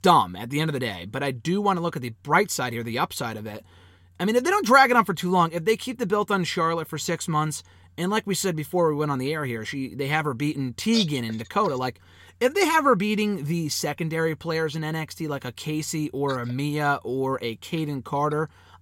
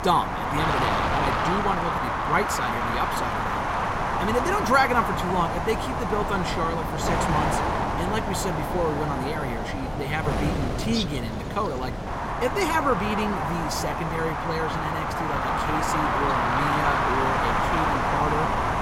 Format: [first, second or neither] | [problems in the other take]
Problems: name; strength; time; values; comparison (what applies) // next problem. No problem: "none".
first | wind noise on the microphone; heavy; 4 dB above the speech